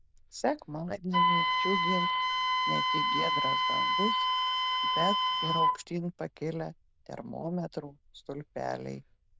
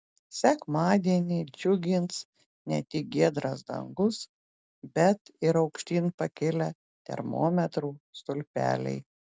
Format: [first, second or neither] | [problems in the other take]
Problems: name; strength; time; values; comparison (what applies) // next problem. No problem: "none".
second | noise reduction (neural diffusion model UNIVERSE++)